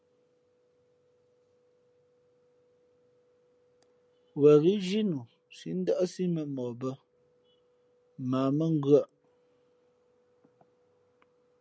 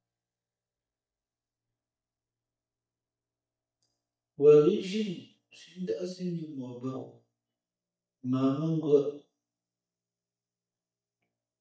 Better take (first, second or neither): first